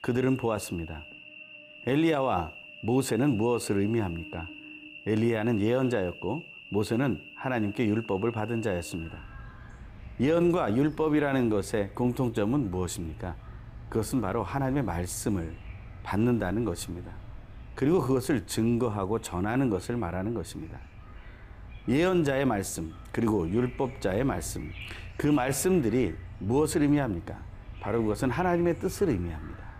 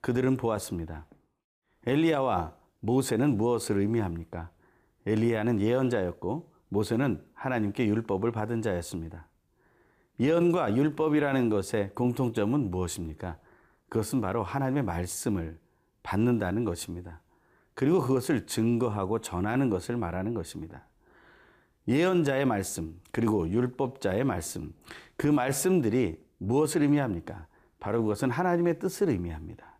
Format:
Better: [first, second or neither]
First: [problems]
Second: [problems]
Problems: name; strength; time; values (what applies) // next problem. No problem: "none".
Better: second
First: animal sounds; noticeable; throughout; 15 dB below the speech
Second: none